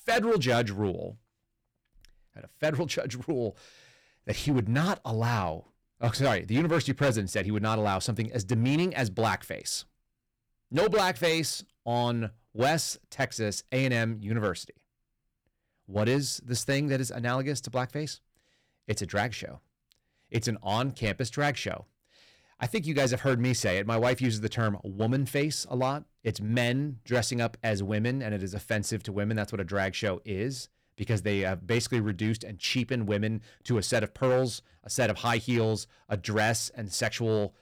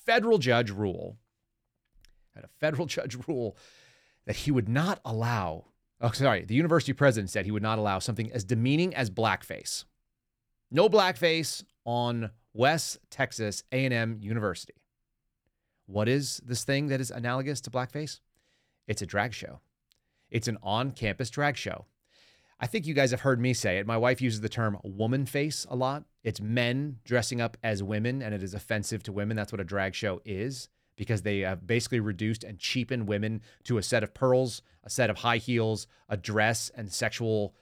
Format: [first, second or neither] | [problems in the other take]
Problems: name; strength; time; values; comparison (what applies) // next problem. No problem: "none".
second | distortion; slight; 4% of the sound clipped